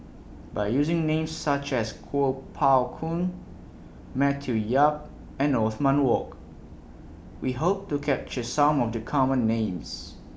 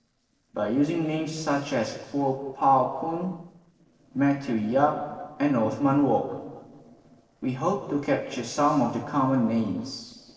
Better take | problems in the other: first | noise reduction (neural separator model SepFormer DNS4)

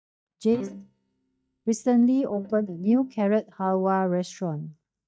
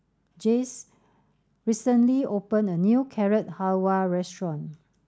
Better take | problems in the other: second | noise reduction (neural mask model DeepFilterNet 3)

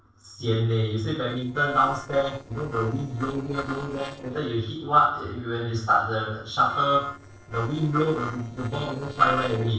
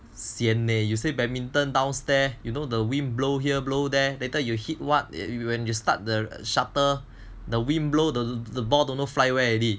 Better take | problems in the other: second | noise reduction (neural separator model SepFormer DNS4)

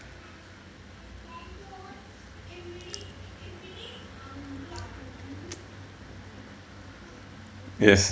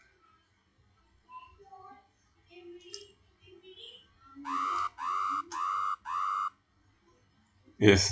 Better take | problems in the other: first | noise reduction (classical method WPE with log-MMSE)

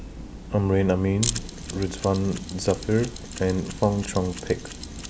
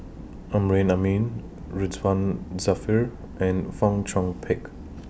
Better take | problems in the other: second | background sound (Mechanisms); 12 dB below the speech

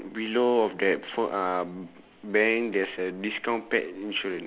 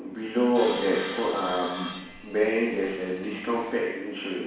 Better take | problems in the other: first | background sound (Sawing); 13 dB below the speech // room echo; dies away in 1.1 s

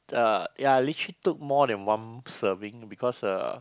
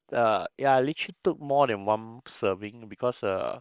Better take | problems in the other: first | noise reduction (neural separator model SepFormer WHAM!)

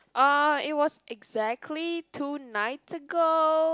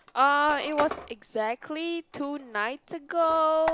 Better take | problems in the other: first | background sound (Squeak); 14 dB below the speech

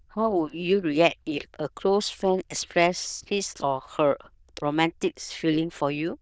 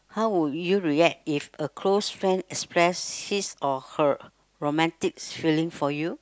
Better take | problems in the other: second | noise reduction (neural diffusion model UNIVERSE++)

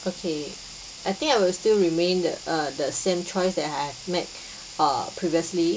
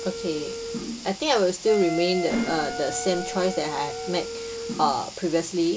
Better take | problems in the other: first | background sound (Mechanisms + Wind instrument, woodwind instrument); 8 dB below the speech

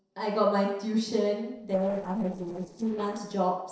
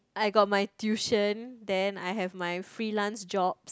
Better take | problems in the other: second | noise reduction (neural separator model SepFormer DNS4)

